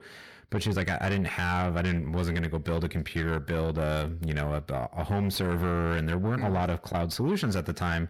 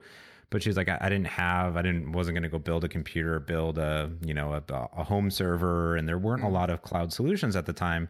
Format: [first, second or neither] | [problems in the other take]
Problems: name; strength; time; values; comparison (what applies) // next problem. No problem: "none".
second | distortion; slight; 10 dB below the speech